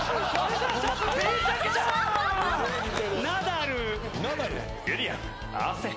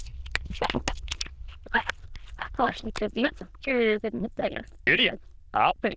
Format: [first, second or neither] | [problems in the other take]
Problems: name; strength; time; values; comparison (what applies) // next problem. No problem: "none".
first | noise reduction (neural diffusion model UNIVERSE++)